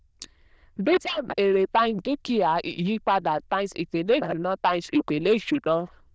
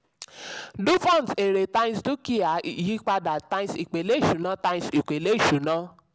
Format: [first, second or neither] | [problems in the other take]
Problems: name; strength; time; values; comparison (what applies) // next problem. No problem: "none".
second | noise reduction (neural diffusion model UNIVERSE++)